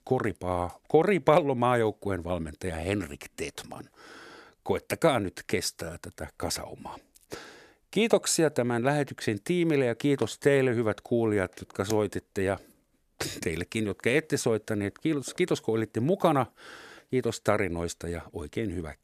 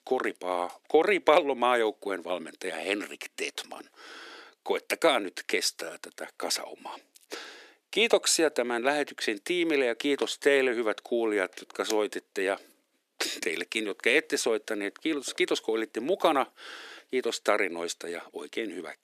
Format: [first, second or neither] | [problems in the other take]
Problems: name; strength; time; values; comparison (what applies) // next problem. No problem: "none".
first | thin; somewhat; fading below 300 Hz